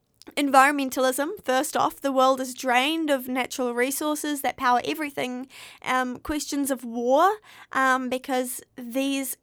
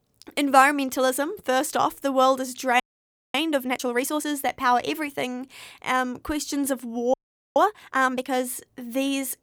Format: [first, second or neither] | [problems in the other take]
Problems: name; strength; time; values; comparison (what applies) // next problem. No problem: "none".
first | audio freezing; at 3 s for 0.5 s and at 7 s